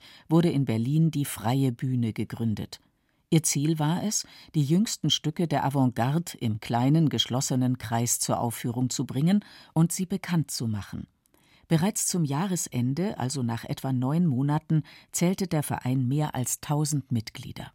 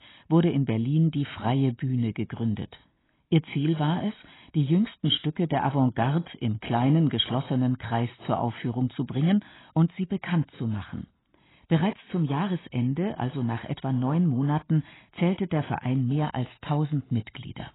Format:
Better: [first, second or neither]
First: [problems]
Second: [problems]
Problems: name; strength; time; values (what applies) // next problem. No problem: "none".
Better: first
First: none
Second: garbled, watery; badly; nothing above 3.5 kHz